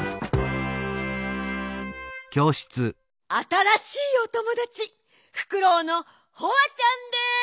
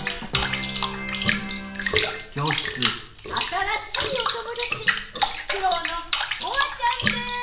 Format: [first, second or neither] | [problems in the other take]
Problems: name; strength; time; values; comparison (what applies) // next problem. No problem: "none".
first | background sound (Bathtub (filling or washing) / Water); 2 dB above the speech // room echo; dies away in 1.1 s